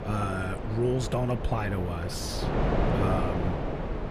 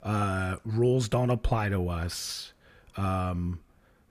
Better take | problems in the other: second | wind noise on the microphone; heavy; 1 dB below the speech

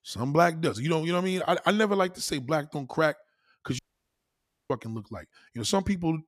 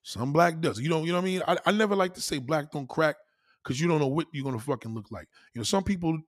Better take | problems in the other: second | audio cutting out; at 4 s for 1 s

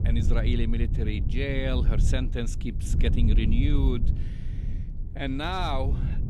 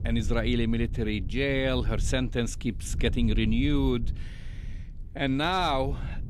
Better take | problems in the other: second | low rumble; loud; throughout; 10 dB below the speech; faint in the second

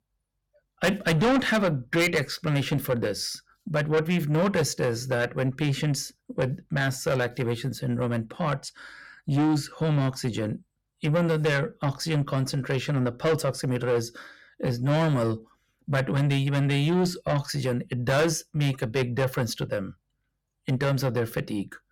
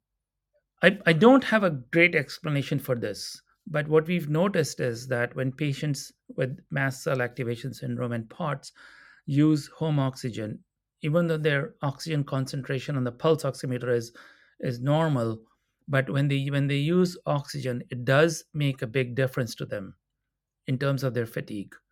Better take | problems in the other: second | distortion; heavy; 6 dB below the speech

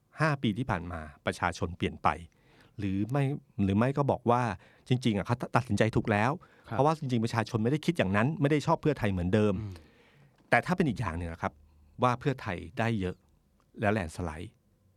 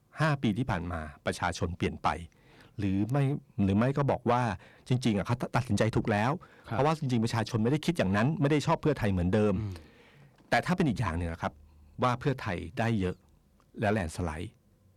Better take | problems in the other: first | distortion; slight; 10 dB below the speech

